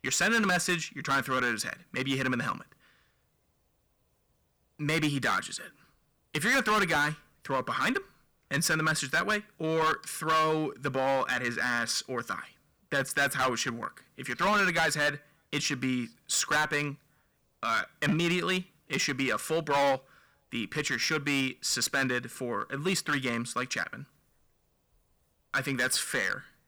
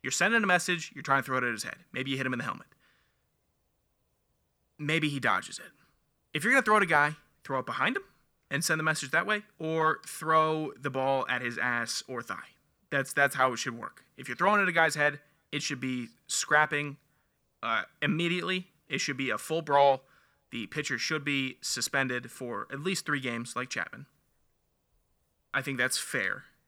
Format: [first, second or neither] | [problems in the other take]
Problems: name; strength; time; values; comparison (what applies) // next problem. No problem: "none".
second | distortion; heavy; 7% of the sound clipped